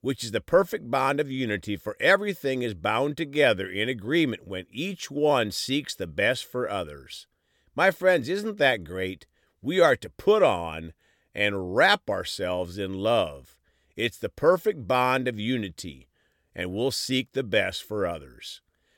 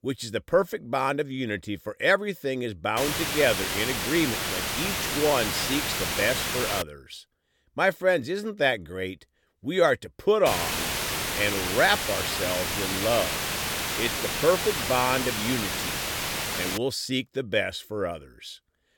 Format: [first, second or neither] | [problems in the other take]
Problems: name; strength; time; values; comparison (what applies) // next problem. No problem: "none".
first | hiss; loud; from 3 to 7 s and from 10 to 17 s; 1 dB below the speech